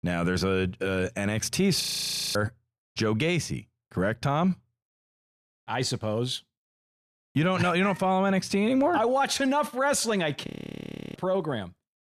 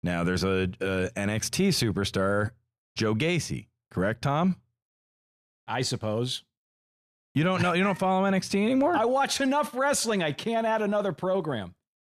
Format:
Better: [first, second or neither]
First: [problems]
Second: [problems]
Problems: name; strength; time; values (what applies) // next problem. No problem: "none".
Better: second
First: audio freezing; at 2 s for 0.5 s and at 10 s for 0.5 s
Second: none